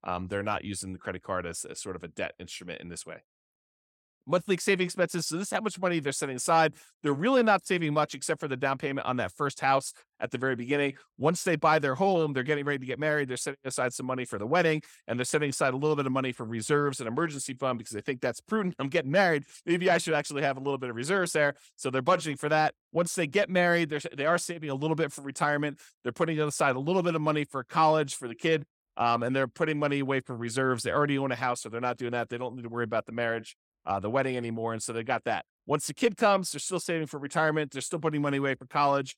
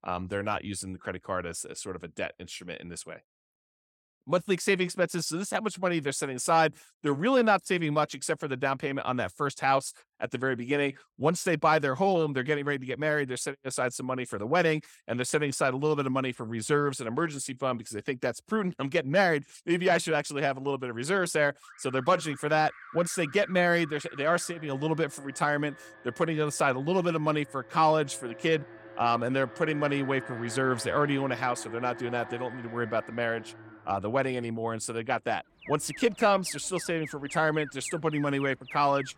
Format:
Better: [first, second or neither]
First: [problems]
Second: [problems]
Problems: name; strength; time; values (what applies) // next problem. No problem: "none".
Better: first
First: none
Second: alarms or sirens; noticeable; from 20 s on; 15 dB below the speech